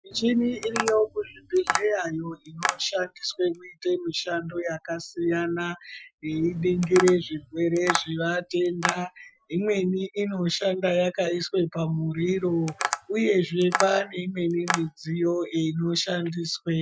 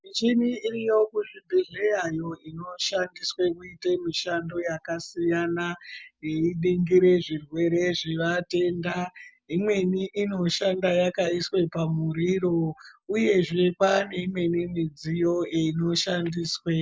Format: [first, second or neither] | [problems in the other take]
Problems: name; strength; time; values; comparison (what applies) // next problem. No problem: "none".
second | noise reduction (classical method Wiener filter)